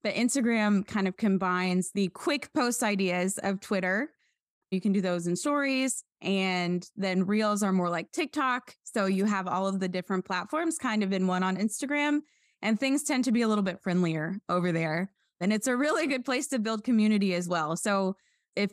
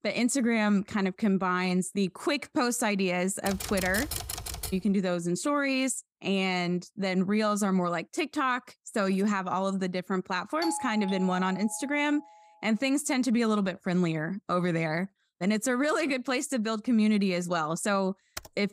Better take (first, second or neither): first